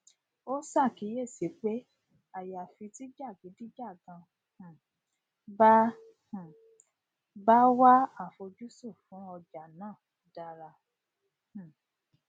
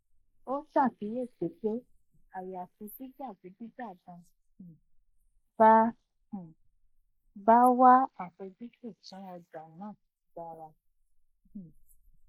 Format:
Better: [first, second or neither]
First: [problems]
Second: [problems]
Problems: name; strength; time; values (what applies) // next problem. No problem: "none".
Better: first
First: none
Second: noise reduction (neural mask model Resemble Enhance denoiser)